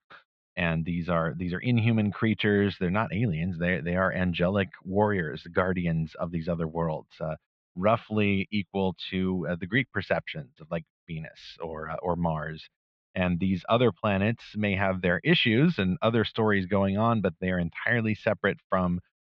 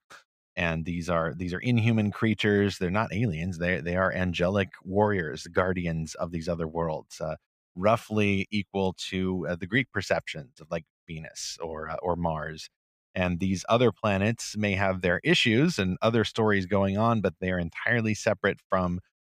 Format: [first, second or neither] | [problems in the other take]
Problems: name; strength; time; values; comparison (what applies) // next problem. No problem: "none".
second | muffled; slightly; fading above 4 kHz